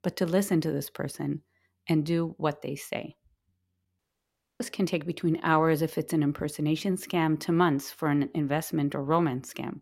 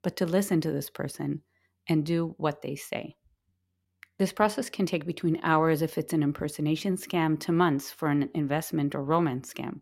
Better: second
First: audio cutting out; at 4 s for 0.5 s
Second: none

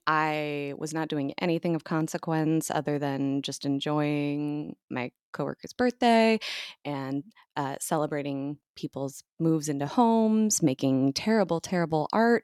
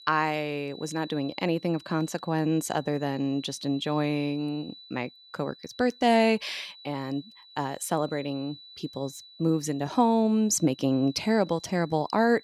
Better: first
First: none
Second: high-pitched whine; noticeable; throughout; 4 kHz, 20 dB below the speech

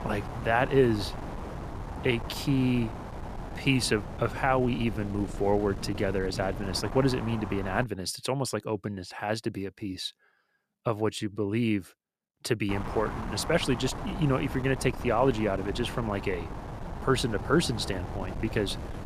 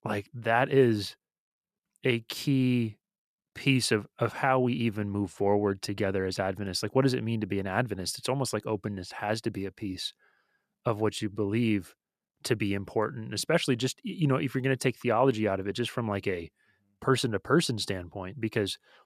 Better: second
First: wind noise on the microphone; occasional gusts; until 8 s and from 13 s on; 10 dB below the speech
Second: none

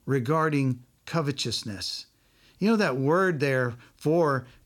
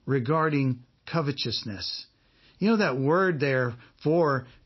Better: first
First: none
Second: garbled, watery; slightly; nothing above 5.5 kHz

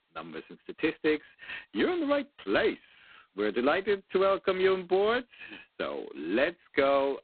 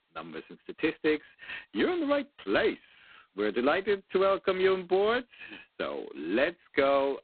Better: neither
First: phone-call audio; poor line; nothing above 4 kHz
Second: phone-call audio; poor line; nothing above 4 kHz

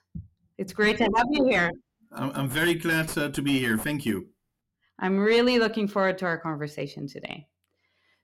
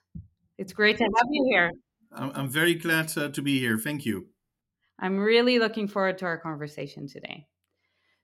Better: second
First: distortion; slight; 9 dB below the speech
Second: none

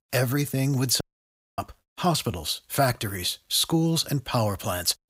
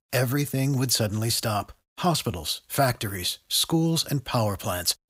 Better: second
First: audio cutting out; at 1 s for 0.5 s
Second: none

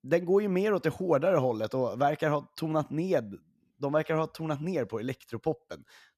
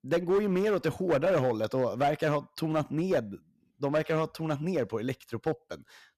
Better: first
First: none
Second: distortion; slight; 6% of the sound clipped

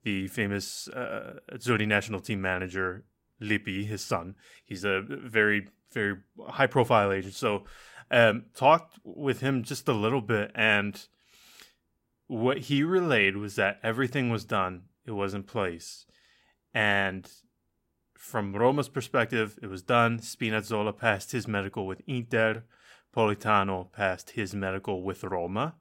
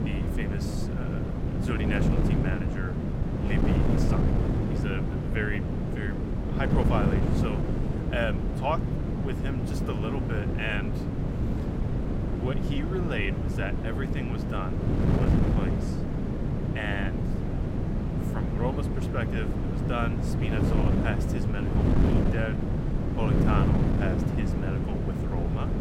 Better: first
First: none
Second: wind noise on the microphone; heavy; as loud as the speech

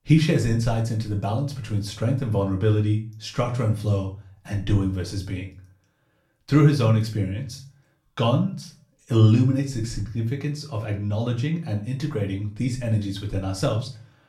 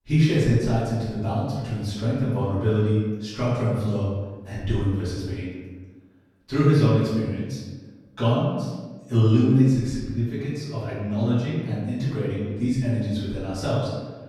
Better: first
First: room echo; slight; dies away in 0.3 s // off-mic speech; far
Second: room echo; strong; dies away in 1.2 s // off-mic speech; far

